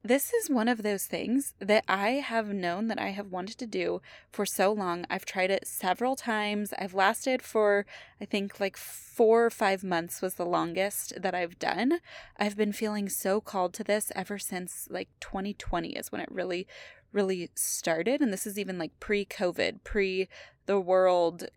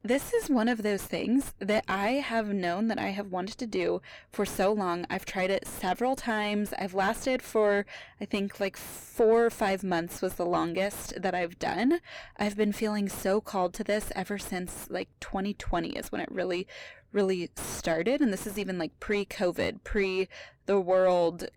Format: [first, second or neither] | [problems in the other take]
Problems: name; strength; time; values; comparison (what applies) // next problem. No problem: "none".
first | distortion; slight; 8 dB below the speech